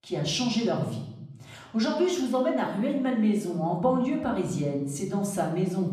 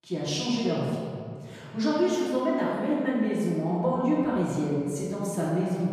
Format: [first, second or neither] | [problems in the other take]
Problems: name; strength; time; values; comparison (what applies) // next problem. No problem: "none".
first | room echo; strong; dies away in 1.9 s; slight in the first // off-mic speech; far; far in the first